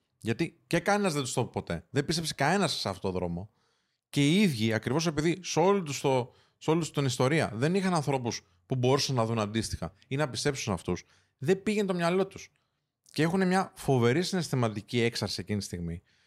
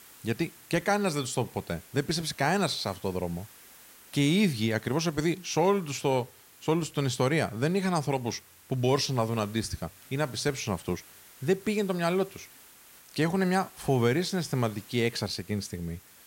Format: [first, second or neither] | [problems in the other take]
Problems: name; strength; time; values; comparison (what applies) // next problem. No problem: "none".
first | hiss; faint; throughout; 20 dB below the speech